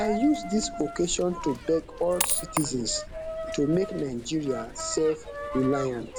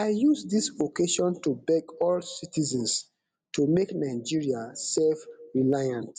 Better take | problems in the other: second | background sound (Coin (dropping)); 7 dB below the speech

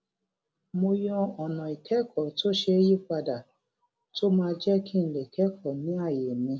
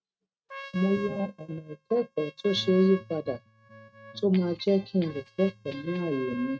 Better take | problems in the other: first | noise reduction (neural mask model RNNoise)

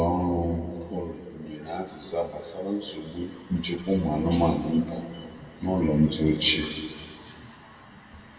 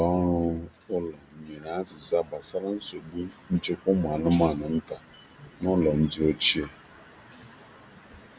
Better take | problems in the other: second | room echo; dies away in 1.8 s

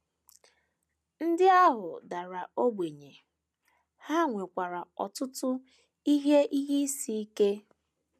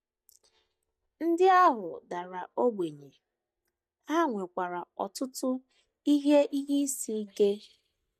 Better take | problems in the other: first | noise reduction (neural mask model DeepFilterNet 3)

